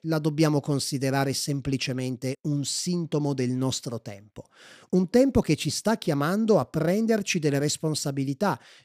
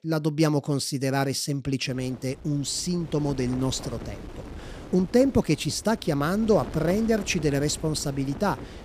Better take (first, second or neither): first